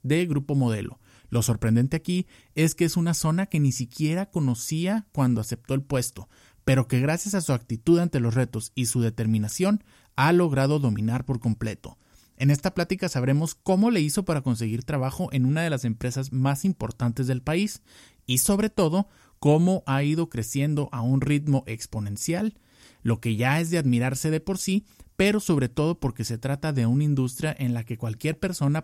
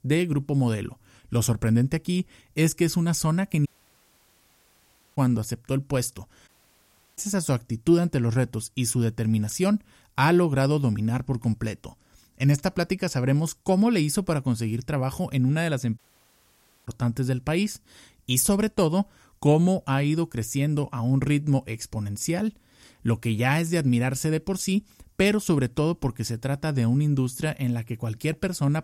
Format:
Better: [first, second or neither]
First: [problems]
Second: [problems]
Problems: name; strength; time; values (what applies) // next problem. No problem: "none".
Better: first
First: none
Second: audio cutting out; at 3.5 s for 1.5 s, at 6.5 s for 0.5 s and at 16 s for 1 s